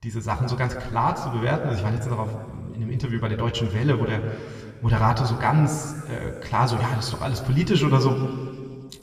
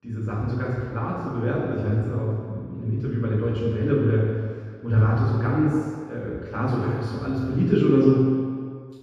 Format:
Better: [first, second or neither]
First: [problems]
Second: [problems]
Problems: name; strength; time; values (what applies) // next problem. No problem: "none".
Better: first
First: room echo; slight; dies away in 2 s // off-mic speech; somewhat distant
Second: room echo; strong; dies away in 1.8 s // off-mic speech; far